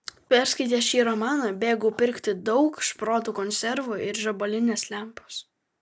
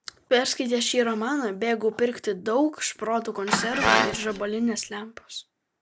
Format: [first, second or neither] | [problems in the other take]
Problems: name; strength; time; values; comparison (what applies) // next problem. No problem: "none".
first | background sound (Brass instrument + Engine starting); 1 dB above the speech